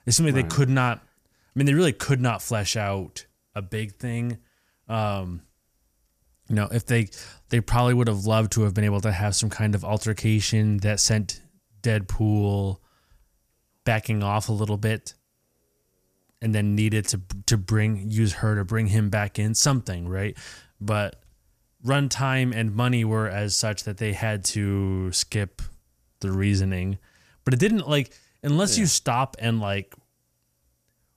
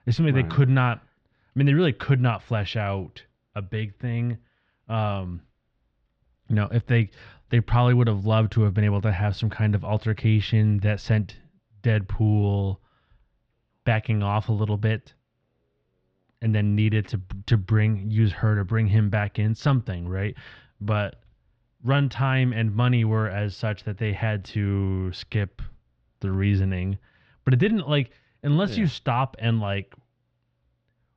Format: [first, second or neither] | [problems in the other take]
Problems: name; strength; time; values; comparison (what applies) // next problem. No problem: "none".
first | muffled; very; fading above 3.5 kHz